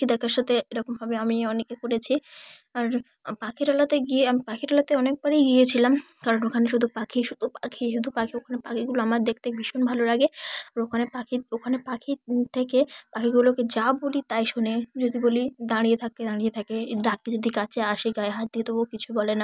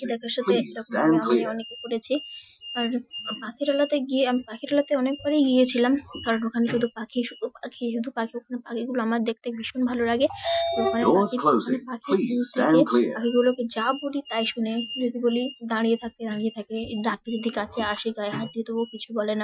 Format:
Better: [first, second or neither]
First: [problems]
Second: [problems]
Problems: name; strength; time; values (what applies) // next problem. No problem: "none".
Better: first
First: none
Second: noise reduction (classical method Wiener filter)